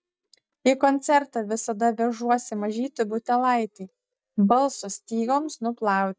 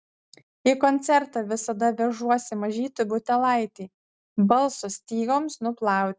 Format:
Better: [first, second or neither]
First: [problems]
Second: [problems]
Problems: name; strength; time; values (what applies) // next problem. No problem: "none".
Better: second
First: noise reduction (neural mask model DeepFilterNet 3)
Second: none